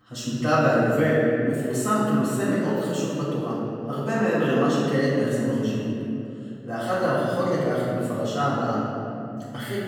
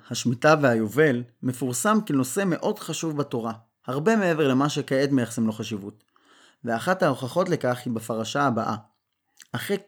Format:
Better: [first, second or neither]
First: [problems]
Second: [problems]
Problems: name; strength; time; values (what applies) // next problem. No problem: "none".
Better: second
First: room echo; strong; dies away in 2.8 s // off-mic speech; far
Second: none